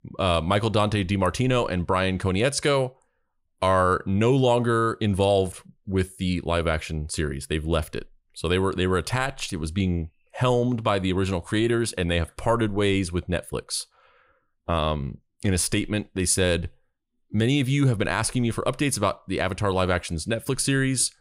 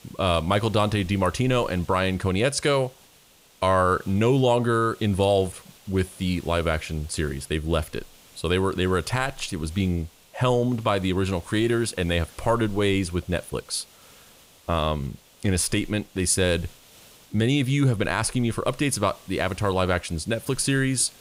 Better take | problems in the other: first | hiss; faint; throughout; 25 dB below the speech

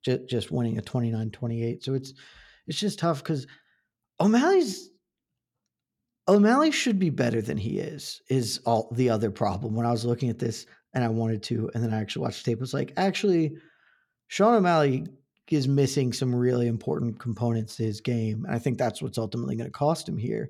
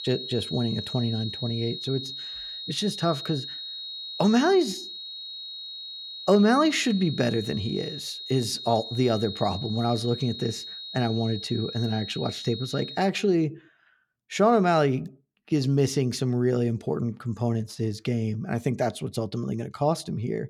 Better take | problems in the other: first | high-pitched whine; loud; until 13 s; 4 kHz, 9 dB below the speech

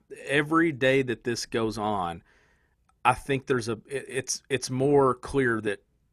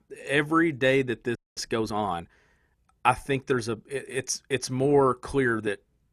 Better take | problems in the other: first | audio freezing; at 1.5 s

